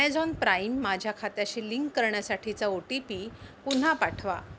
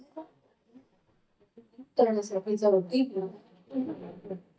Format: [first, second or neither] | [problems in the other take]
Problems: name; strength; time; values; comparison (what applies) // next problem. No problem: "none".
first | noise reduction (neural mask model DeepFilterNet 3)